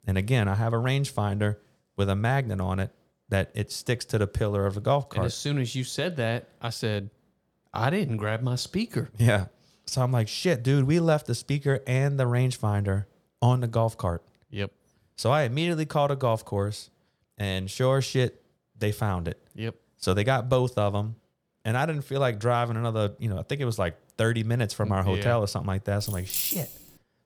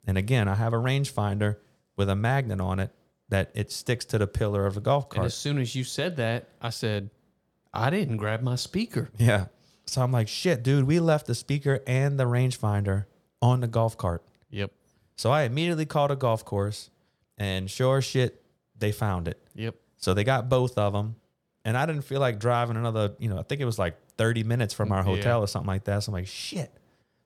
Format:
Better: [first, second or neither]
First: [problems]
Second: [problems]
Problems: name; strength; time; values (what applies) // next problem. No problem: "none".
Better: second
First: jangling keys; loud; at 26 s; peak level with the speech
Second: none